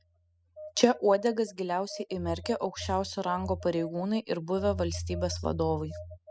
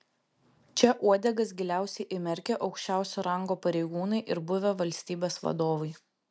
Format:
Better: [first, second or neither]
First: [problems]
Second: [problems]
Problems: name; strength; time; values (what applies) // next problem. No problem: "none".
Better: second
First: noise reduction (classical method spectral subtraction)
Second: none